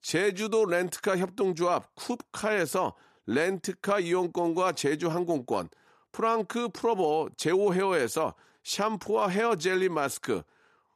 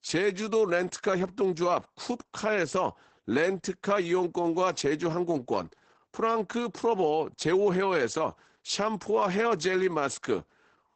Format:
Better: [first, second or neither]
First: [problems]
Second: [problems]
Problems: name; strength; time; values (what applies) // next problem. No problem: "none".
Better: first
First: none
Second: garbled, watery; badly; nothing above 8 kHz